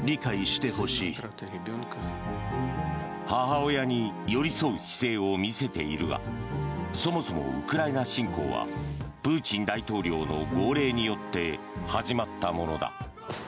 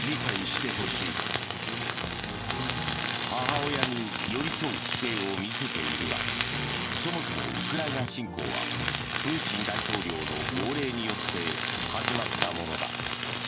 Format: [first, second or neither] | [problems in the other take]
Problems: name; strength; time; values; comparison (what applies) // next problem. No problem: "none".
first | background sound (Tools); 2 dB above the speech